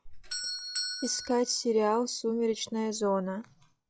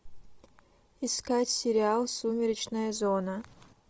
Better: second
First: noise reduction (classical method log-MMSE)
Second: none

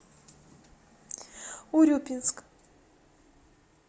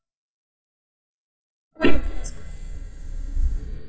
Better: first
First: none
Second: noise reduction (neural mask model DeepFilterNet 3)

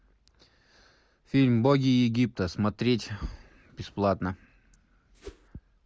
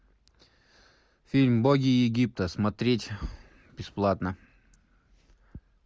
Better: second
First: background sound (Whoosh, swoosh, swish); 18 dB below the speech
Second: none

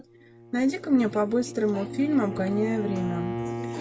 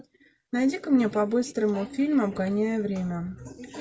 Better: second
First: background sound (Bowed string instrument); 9 dB below the speech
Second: none

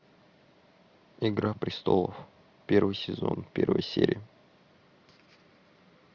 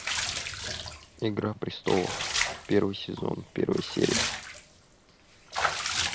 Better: first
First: none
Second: background sound (Bathtub (filling or washing) / Water / Liquid); 2 dB below the speech

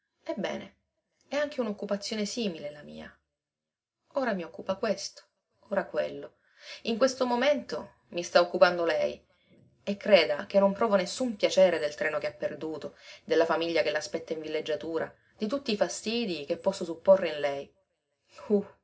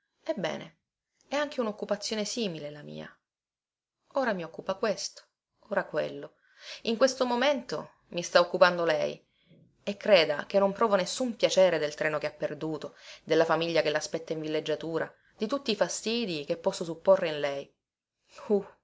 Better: second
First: room echo; dies away in 0.4 s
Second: none

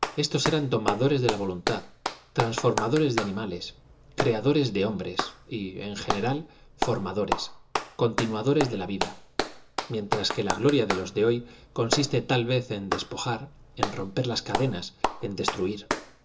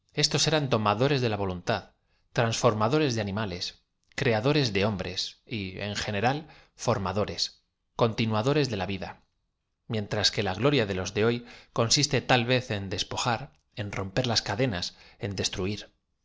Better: second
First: background sound (Clapping); 6 dB below the speech // room echo; dies away in 0.2 s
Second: none

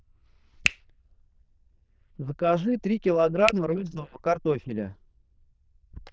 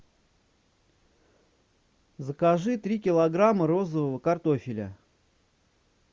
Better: second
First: noise reduction (neural diffusion model UNIVERSE++)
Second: none

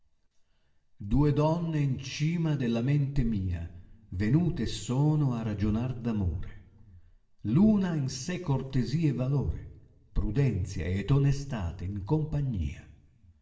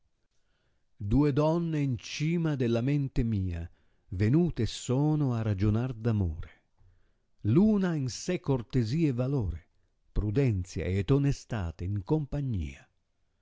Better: second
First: room echo; dies away in 0.8 s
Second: none

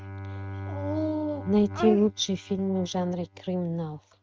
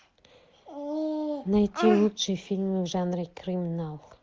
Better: second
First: noise reduction (neural mask model RNNoise)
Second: none

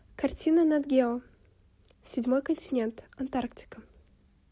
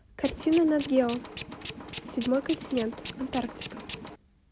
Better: first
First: none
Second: background sound (Tools); 11 dB below the speech

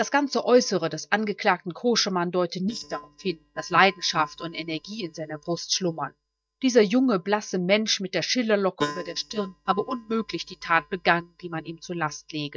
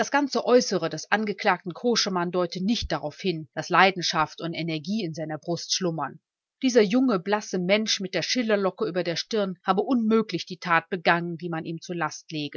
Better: second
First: noise reduction (neural mask model DeepFilterNet 3)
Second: none

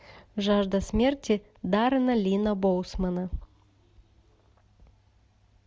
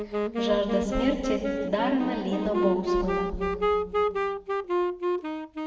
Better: first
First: none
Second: background sound (Wind instrument, woodwind instrument); 2 dB above the speech // room echo; dies away in 2.3 s

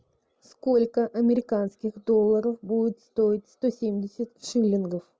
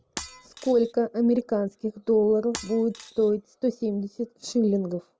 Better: first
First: none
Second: background sound (Shatter); 18 dB below the speech

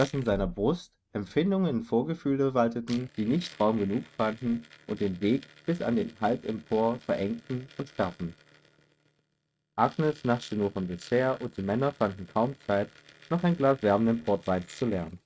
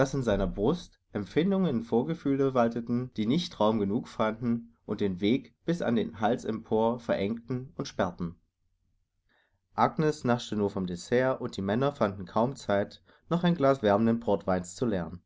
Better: second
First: noise reduction (neural mask model RNNoise)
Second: none

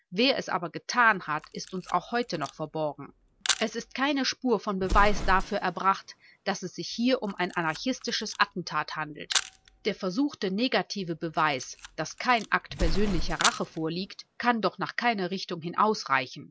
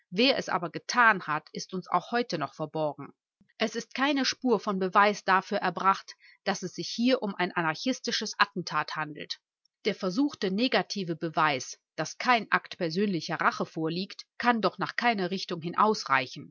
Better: second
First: background sound (Camera + Explosion); 6 dB below the speech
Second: none

